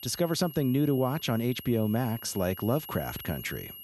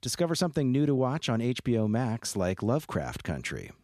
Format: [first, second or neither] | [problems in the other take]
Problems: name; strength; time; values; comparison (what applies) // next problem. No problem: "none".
second | high-pitched whine; noticeable; throughout; 11.5 kHz, 15 dB below the speech